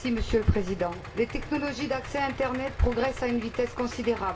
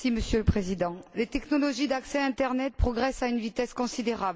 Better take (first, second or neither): second